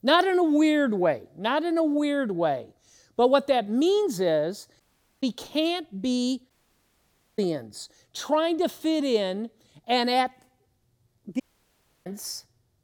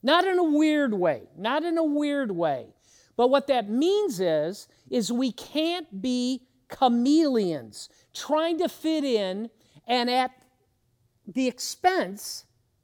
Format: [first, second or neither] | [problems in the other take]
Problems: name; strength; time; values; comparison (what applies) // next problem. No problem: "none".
second | audio cutting out; at 5 s, at 6.5 s for 1 s and at 11 s for 0.5 s